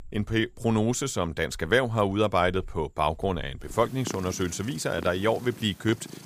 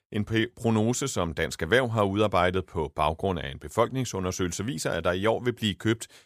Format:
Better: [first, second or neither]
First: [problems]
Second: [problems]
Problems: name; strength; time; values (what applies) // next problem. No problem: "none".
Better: second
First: animal sounds; noticeable; throughout; 15 dB below the speech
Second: none